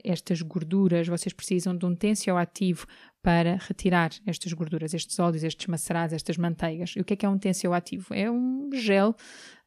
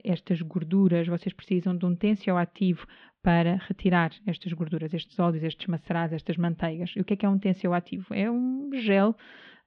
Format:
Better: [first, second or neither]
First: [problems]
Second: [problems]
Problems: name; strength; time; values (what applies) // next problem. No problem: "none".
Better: first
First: none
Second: muffled; very; fading above 3.5 kHz